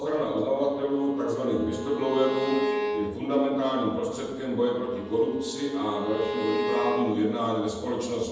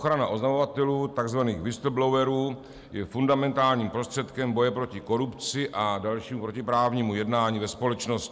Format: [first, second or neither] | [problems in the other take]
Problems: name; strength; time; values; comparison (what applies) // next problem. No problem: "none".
second | background sound (Bowed string instrument); 7 dB below the speech // room echo; dies away in 1.1 s